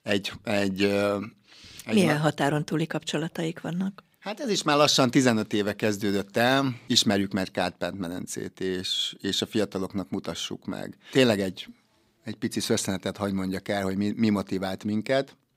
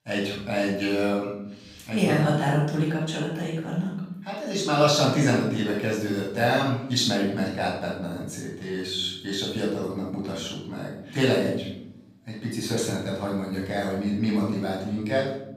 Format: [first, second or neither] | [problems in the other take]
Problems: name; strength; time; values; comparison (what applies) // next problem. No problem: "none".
first | off-mic speech; far // room echo; noticeable; dies away in 0.8 s